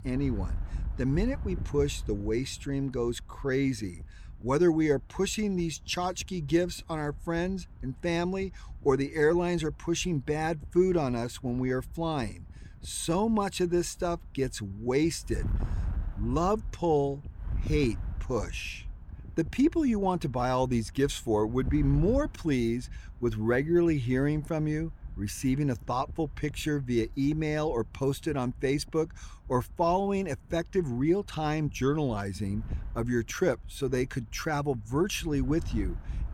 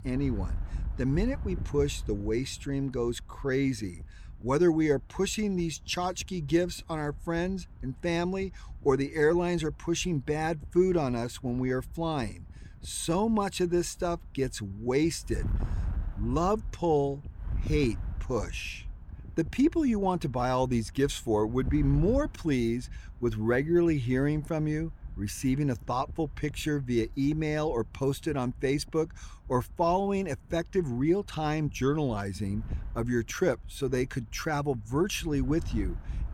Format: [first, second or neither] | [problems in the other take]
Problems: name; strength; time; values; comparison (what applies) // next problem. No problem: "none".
neither | wind noise on the microphone; occasional gusts; 25 dB below the speech; the same in both